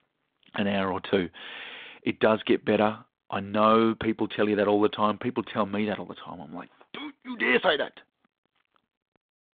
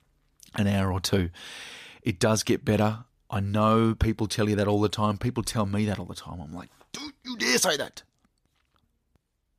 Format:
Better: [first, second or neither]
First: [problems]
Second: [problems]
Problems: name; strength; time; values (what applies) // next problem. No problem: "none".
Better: second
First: phone-call audio; nothing above 3.5 kHz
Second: none